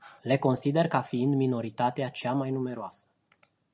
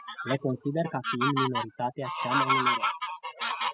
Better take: first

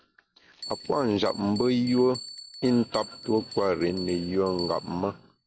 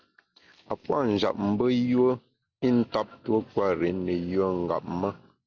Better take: second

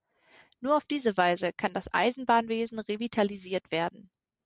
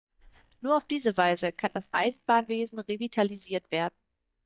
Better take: first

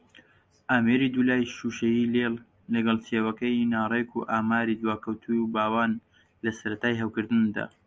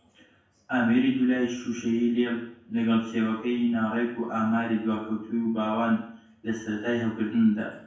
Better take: first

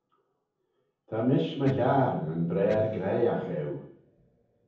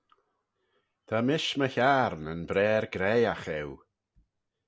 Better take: second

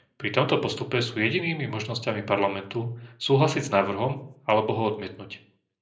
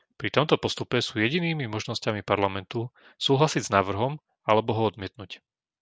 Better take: second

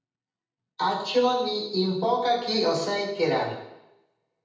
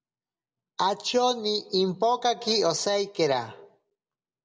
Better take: second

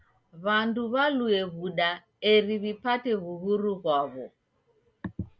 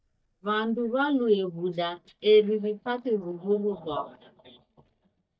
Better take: first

